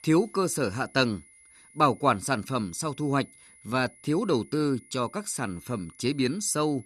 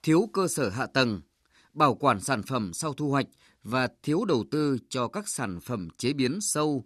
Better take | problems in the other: second | high-pitched whine; faint; throughout; 10.5 kHz, 25 dB below the speech

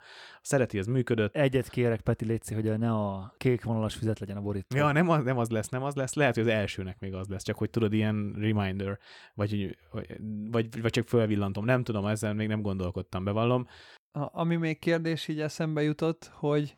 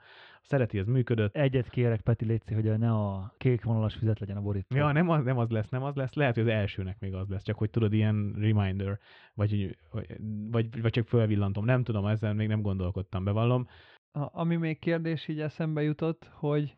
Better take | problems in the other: first | muffled; slightly; fading above 3.5 kHz

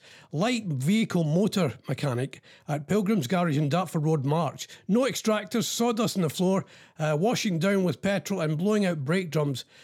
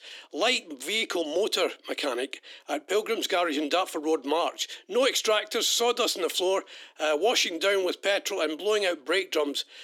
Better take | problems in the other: first | thin; very; fading below 300 Hz

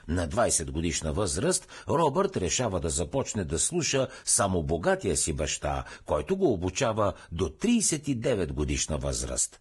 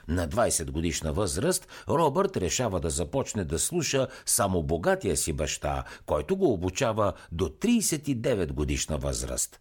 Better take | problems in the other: second | garbled, watery; badly; nothing above 10 kHz

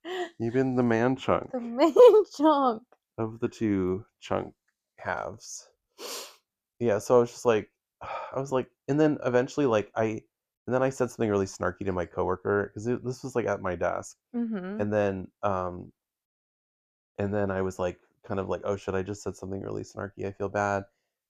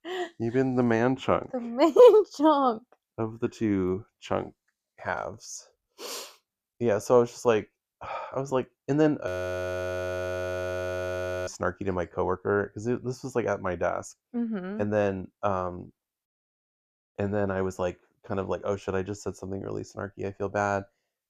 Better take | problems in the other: first | audio freezing; at 9.5 s for 2 s

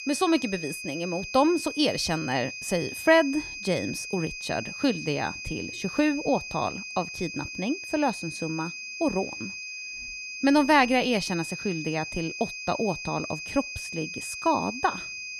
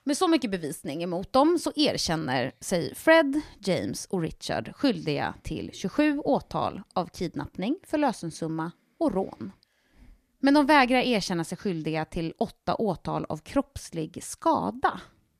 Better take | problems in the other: second | high-pitched whine; loud; throughout; 2.5 kHz, 8 dB below the speech

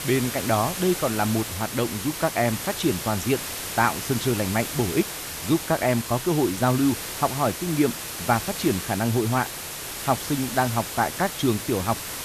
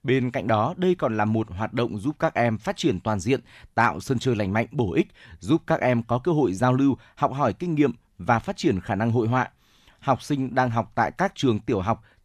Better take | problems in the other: second | hiss; loud; throughout; 6 dB below the speech

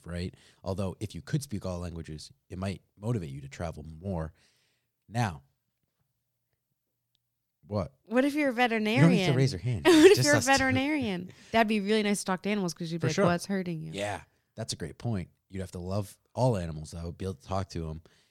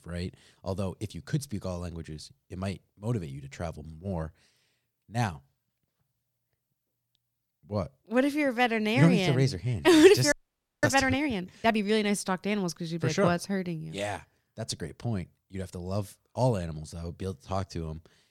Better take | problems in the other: first | audio freezing; at 10 s for 0.5 s

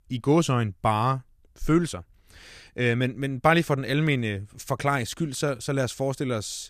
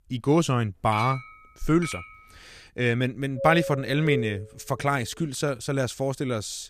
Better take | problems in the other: first | clattering dishes; noticeable; from 1 to 2 s; peak 7 dB below the speech // doorbell; noticeable; from 3.5 to 4.5 s; peak 5 dB below the speech

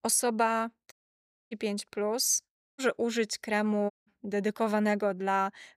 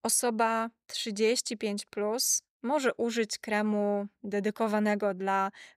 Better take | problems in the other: second | audio cutting out; at 1 s for 0.5 s, at 2.5 s and at 4 s

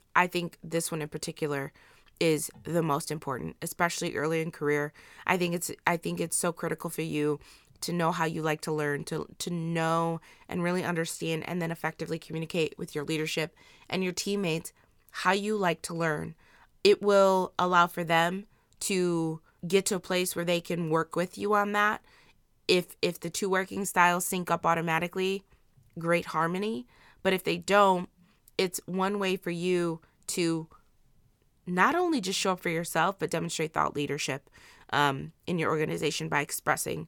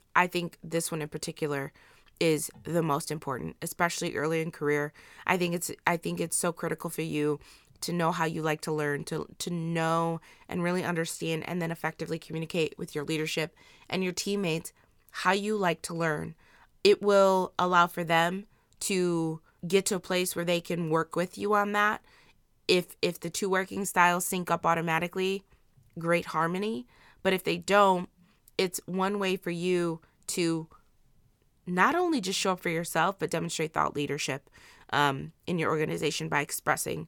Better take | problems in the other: neither | none

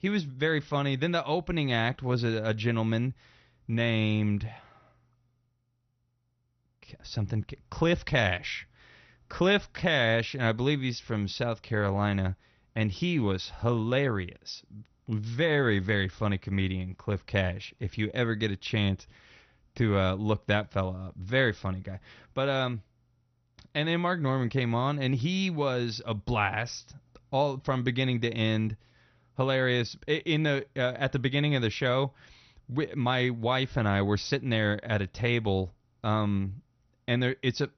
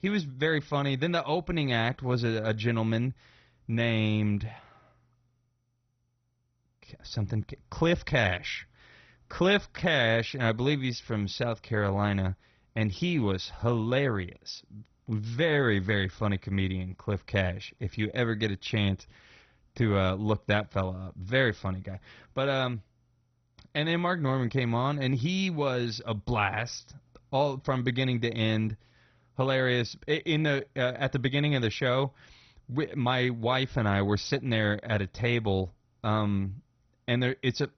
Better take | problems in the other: first | garbled, watery; badly; nothing above 6 kHz; slightly in the first

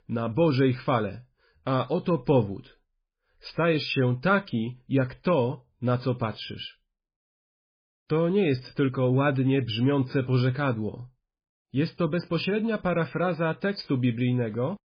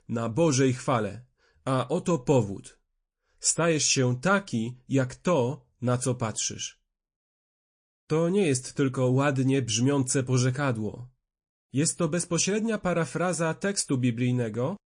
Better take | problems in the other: second | garbled, watery; badly; nothing above 5 kHz; slightly in the second

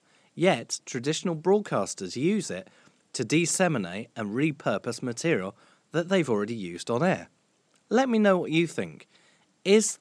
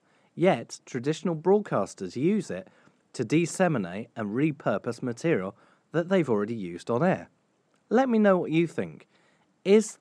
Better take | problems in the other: first | muffled; slightly; fading above 2.5 kHz

